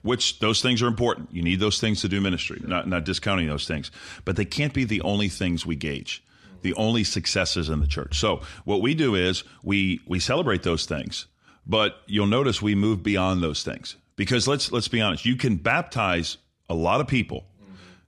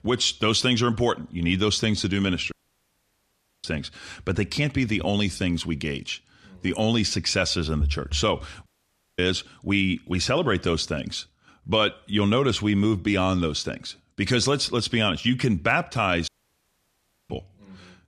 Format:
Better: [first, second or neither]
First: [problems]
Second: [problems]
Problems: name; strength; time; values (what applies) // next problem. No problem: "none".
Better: first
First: none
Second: audio cutting out; at 2.5 s for 1 s, at 8.5 s for 0.5 s and at 16 s for 1 s